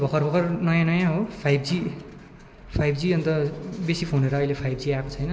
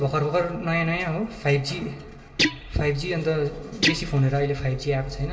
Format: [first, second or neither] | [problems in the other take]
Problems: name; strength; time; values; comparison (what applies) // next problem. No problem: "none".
first | background sound (Guitar); 5 dB below the speech // room echo; dies away in 0.2 s